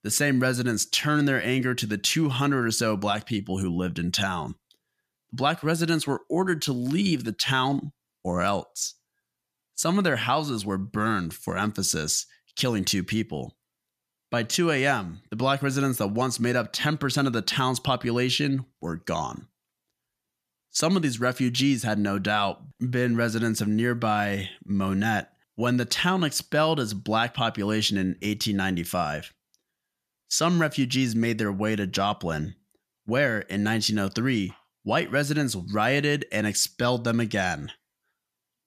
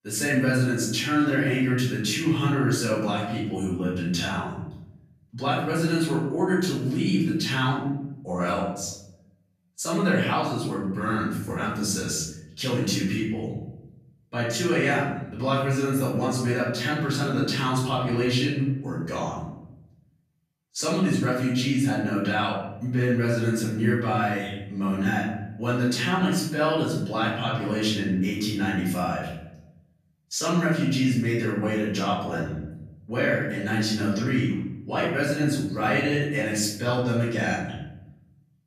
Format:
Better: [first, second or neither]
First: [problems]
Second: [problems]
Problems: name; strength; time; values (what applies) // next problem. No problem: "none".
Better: first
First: none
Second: off-mic speech; far // room echo; noticeable; dies away in 0.9 s